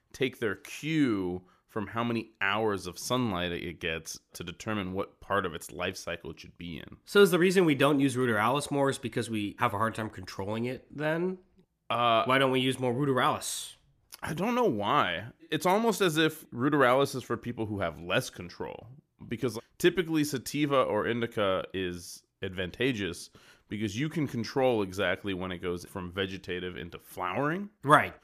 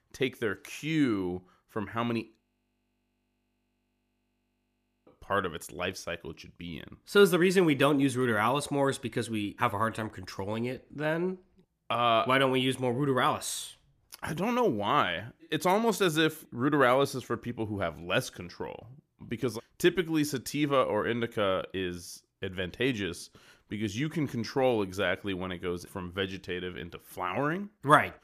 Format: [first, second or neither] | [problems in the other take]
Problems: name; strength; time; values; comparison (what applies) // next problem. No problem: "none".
first | audio freezing; at 2.5 s for 2.5 s